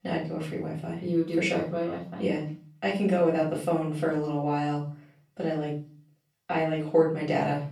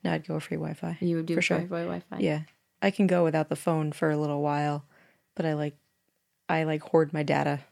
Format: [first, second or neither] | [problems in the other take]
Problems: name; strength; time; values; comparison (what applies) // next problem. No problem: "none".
second | off-mic speech; far // room echo; slight; dies away in 0.4 s